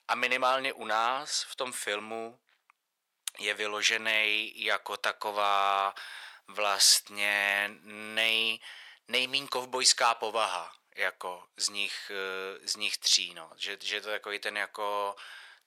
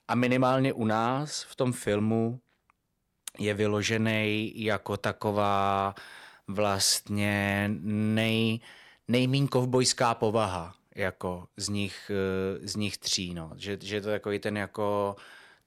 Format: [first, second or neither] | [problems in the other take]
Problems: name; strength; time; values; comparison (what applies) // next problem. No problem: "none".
second | thin; very; fading below 850 Hz